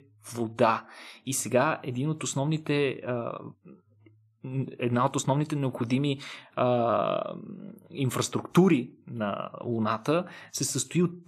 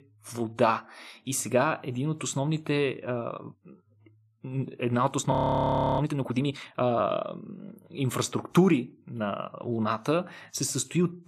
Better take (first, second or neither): first